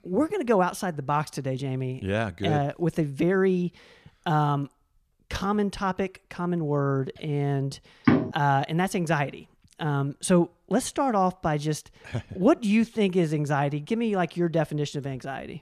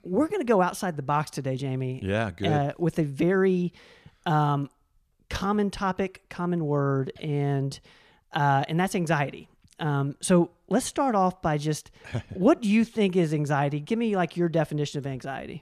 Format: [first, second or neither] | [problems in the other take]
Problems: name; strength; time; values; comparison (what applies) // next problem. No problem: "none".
second | door banging; loud; at 8 s; peak 3 dB above the speech